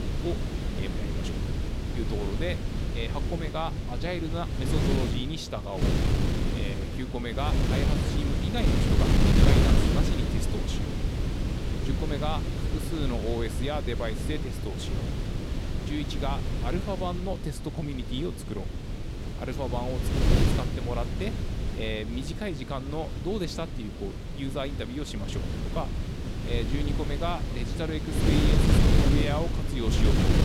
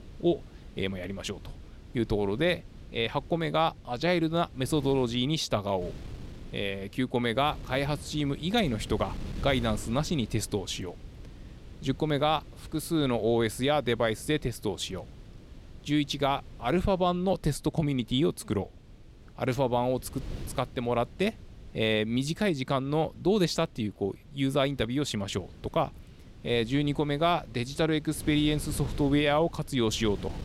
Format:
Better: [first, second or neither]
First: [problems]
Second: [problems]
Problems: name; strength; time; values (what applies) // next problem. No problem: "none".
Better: second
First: wind noise on the microphone; heavy; as loud as the speech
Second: wind noise on the microphone; occasional gusts; 25 dB below the speech